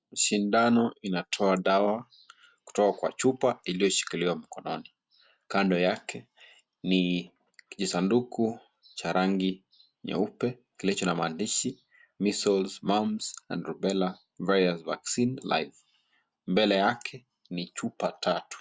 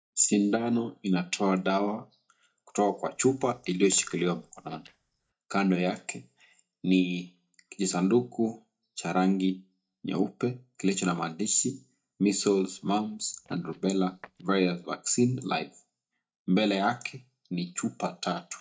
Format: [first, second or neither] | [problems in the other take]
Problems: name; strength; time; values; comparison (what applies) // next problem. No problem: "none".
first | noise reduction (neural mask model DeepFilterNet 3)